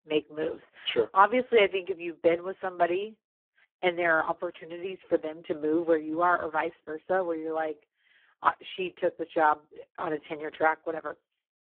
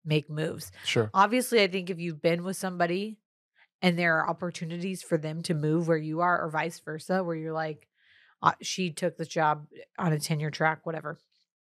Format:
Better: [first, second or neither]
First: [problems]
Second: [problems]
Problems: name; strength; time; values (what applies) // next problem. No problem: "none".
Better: second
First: phone-call audio; poor line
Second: none